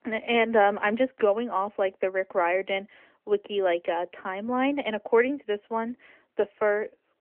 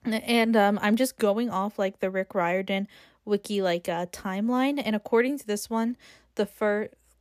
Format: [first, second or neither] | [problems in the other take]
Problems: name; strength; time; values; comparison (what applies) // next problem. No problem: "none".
second | phone-call audio; nothing above 3 kHz